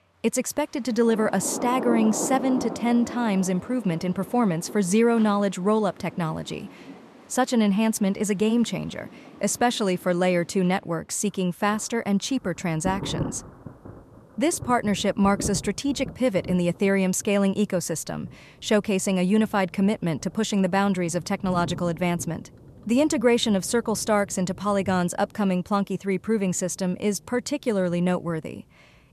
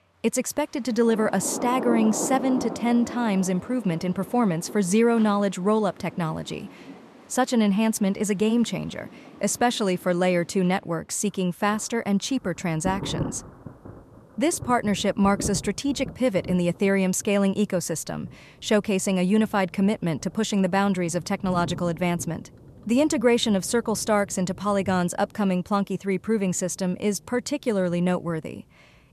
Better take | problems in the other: neither | rain or running water; noticeable; throughout; 15 dB below the speech; the same in both

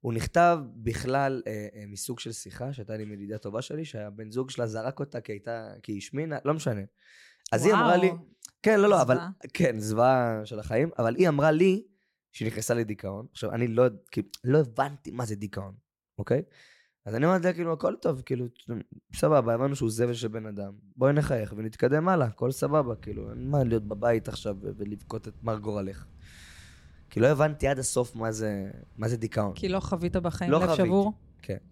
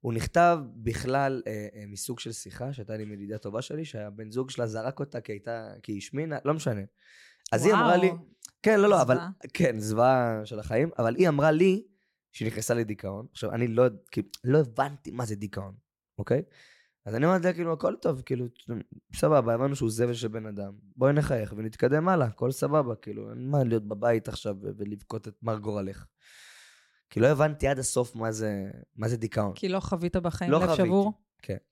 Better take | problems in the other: second | rain or running water; faint; from 23 s on; 20 dB below the speech

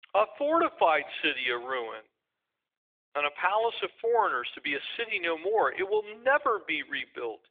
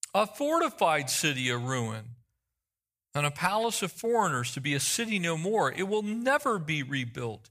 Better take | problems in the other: second | phone-call audio; nothing above 3.5 kHz

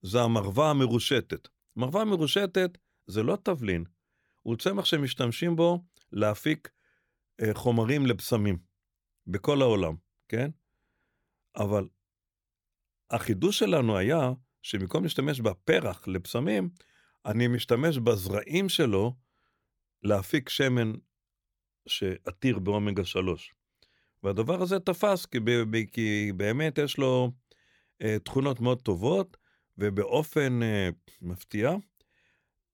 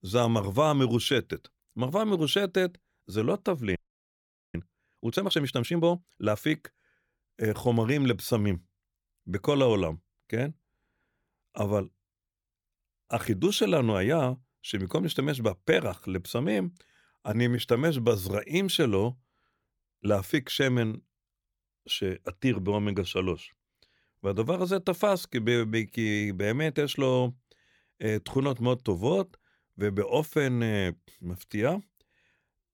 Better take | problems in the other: first | audio freezing; at 4 s for 1 s

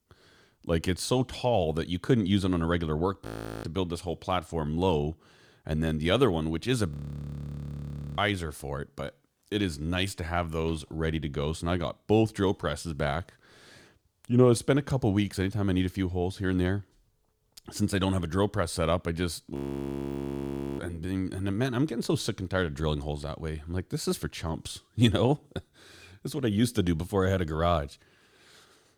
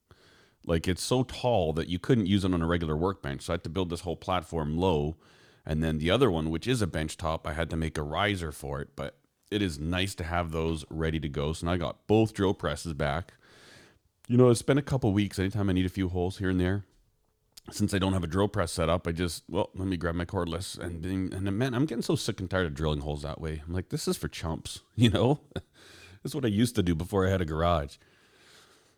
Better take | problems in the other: second | audio freezing; at 3.5 s, at 7 s for 1.5 s and at 20 s for 1 s

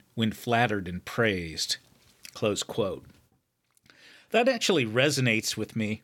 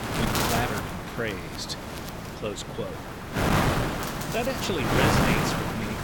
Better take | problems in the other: first | wind noise on the microphone; heavy; 4 dB above the speech

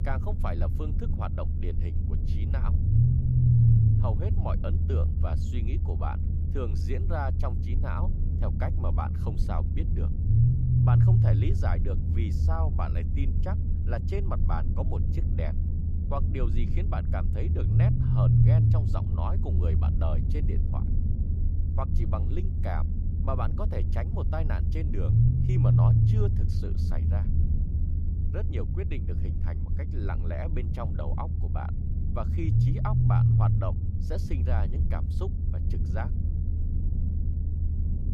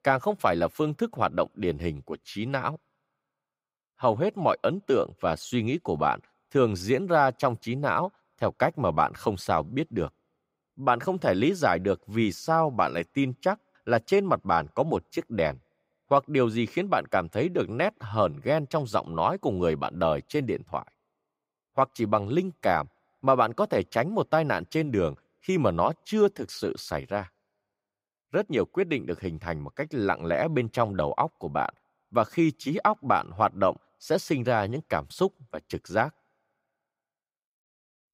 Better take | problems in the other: second | low rumble; loud; throughout; 1 dB below the speech

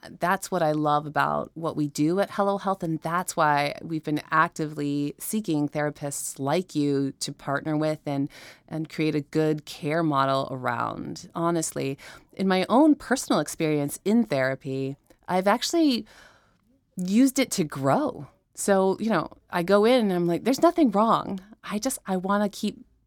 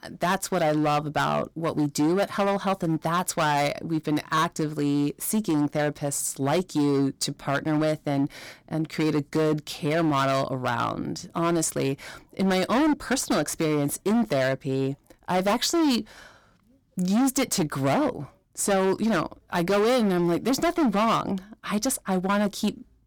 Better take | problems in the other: first | distortion; heavy; 14% of the sound clipped

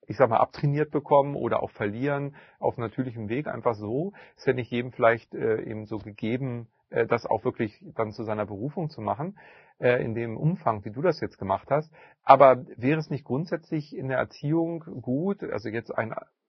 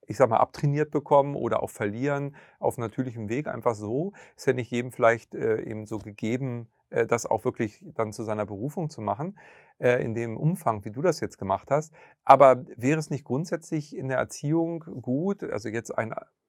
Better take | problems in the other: second | garbled, watery; badly; nothing above 5.5 kHz

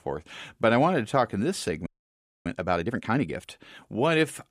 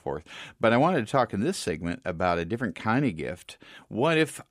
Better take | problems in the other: second | audio freezing; at 2 s for 0.5 s

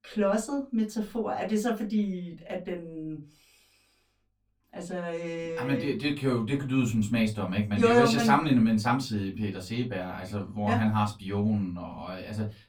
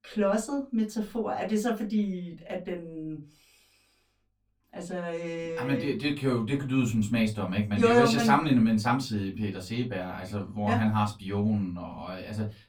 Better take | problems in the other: neither | off-mic speech; far; the same in both // room echo; very slight; dies away in 0.2 s; the same in both

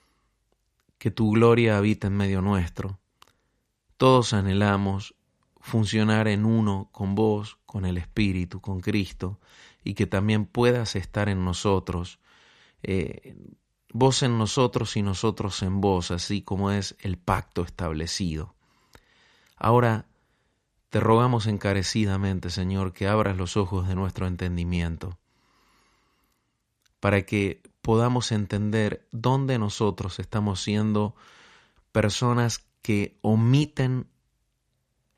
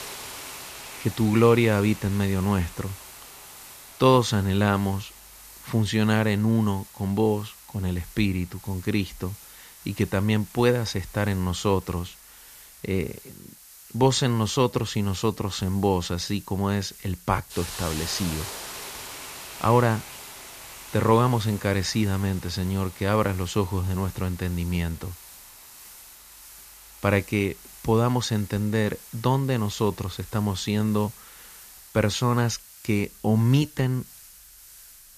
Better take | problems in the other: first | hiss; noticeable; throughout; 15 dB below the speech

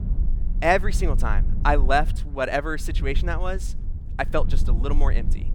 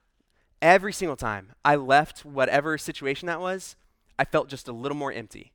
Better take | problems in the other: second | low rumble; faint; throughout; 20 dB below the speech

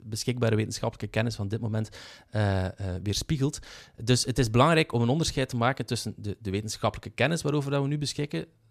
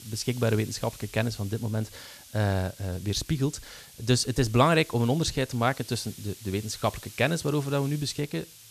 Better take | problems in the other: first | hiss; noticeable; throughout; 20 dB below the speech

